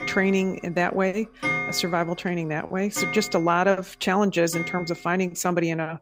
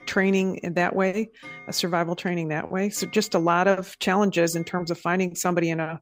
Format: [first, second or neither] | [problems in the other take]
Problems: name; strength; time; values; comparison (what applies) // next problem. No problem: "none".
second | household noises; loud; throughout; 6 dB below the speech; faint in the second